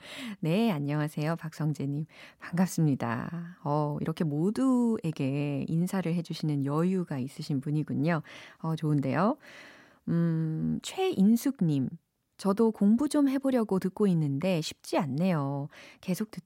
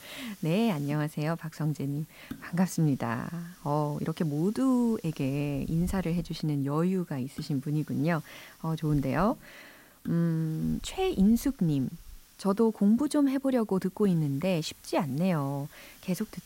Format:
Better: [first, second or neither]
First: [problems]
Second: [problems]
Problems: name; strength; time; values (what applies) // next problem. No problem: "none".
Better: first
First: none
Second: hiss; faint; throughout; 20 dB below the speech